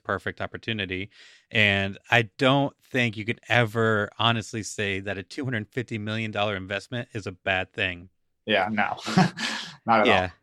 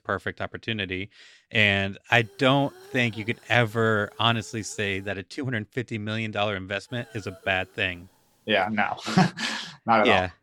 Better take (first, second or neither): first